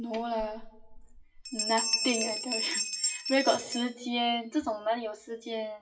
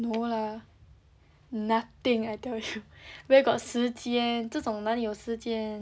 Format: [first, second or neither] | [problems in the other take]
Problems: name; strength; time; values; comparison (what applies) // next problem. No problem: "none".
second | noise reduction (classical method WPE with log-MMSE)